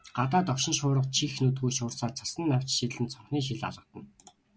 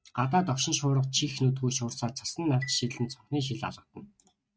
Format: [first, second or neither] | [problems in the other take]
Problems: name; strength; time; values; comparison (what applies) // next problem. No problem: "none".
first | noise reduction (neural mask model RNNoise)